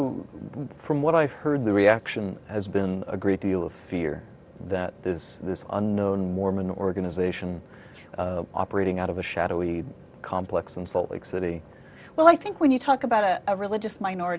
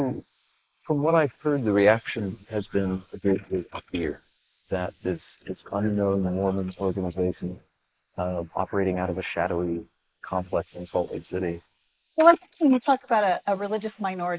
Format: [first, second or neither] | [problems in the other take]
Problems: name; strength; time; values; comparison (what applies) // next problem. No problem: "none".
first | noise reduction (neural mask model Resemble Enhance denoiser)